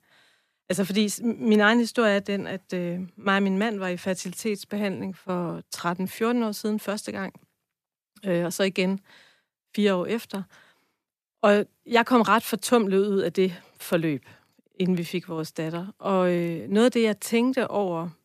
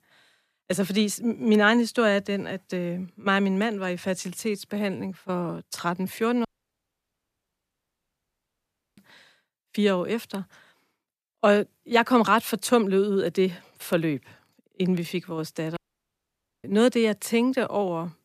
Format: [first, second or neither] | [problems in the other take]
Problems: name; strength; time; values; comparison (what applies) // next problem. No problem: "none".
first | audio cutting out; at 6.5 s for 2.5 s and at 16 s for 1 s